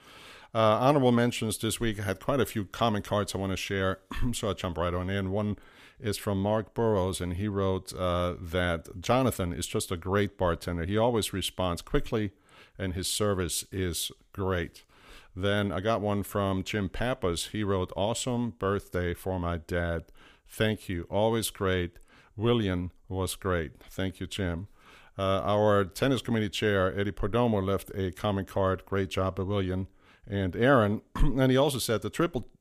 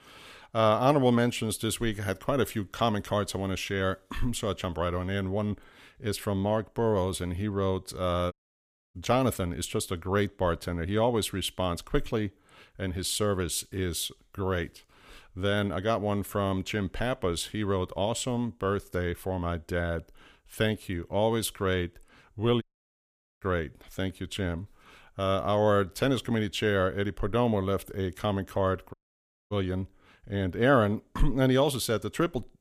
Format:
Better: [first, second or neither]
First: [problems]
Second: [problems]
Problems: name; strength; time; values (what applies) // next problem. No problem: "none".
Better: first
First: none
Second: audio cutting out; at 8.5 s for 0.5 s, at 23 s for 1 s and at 29 s for 0.5 s